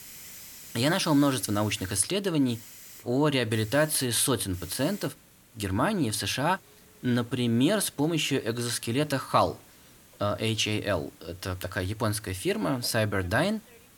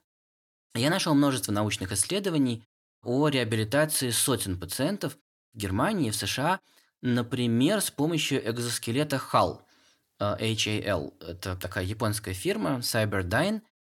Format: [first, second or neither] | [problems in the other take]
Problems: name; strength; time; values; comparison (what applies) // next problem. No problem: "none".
second | hiss; faint; throughout; 20 dB below the speech